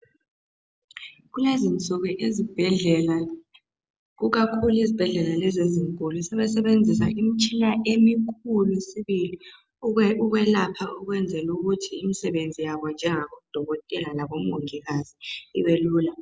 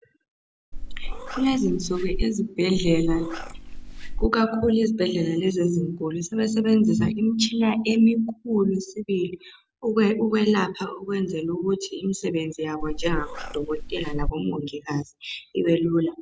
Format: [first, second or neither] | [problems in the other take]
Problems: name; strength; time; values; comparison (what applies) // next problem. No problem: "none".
first | background sound (Meow); 4 dB below the speech